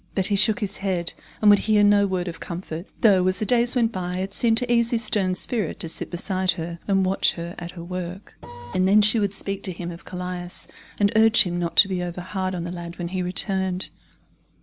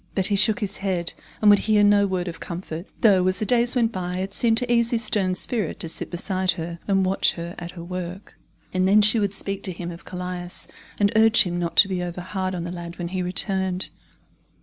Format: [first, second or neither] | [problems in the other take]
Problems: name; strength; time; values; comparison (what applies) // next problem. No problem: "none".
second | background sound (Printer); 11 dB below the speech